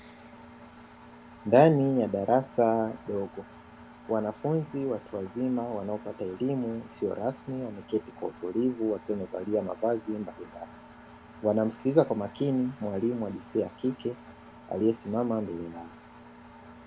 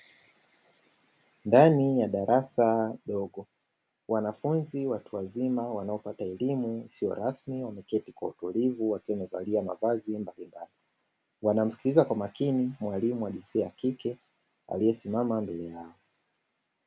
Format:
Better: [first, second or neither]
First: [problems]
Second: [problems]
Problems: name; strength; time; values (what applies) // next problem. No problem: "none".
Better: second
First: background sound (Engine); 19 dB below the speech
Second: none